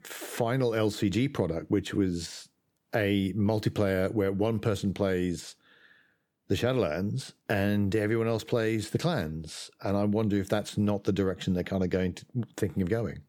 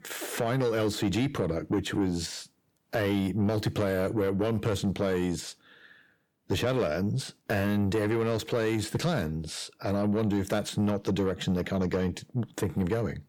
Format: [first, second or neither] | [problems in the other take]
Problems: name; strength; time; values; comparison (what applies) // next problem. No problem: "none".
first | distortion; slight; 10 dB below the speech